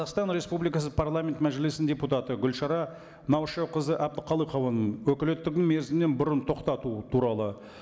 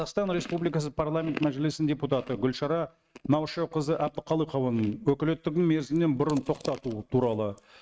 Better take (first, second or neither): first